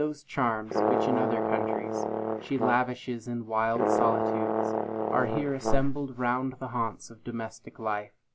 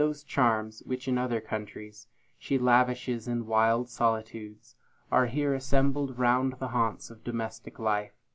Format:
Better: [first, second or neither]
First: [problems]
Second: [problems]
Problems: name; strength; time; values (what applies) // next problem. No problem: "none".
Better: second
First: background sound (Brass instrument); 1 dB above the speech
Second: none